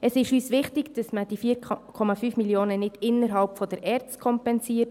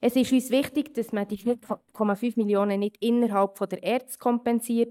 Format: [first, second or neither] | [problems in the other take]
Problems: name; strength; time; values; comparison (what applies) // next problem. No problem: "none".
first | noise reduction (neural mask model DeepFilterNet 3)